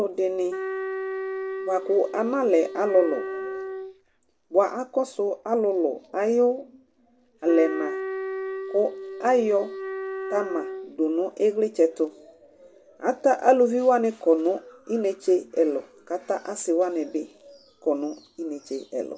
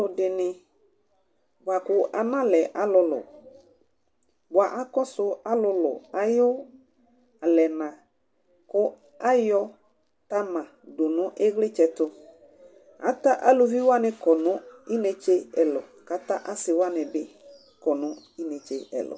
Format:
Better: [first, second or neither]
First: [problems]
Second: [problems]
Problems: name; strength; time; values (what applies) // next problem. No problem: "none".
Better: second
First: background sound (Wind instrument, woodwind instrument); 7 dB below the speech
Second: none